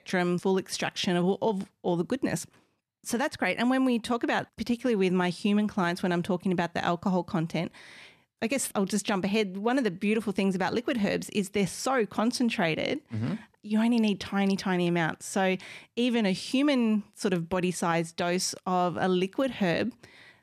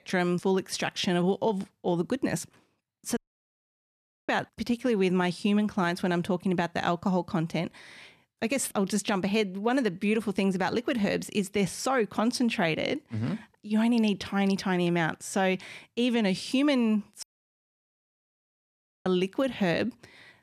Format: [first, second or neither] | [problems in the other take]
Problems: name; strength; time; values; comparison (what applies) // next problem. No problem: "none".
first | audio cutting out; at 3 s for 1 s and at 17 s for 2 s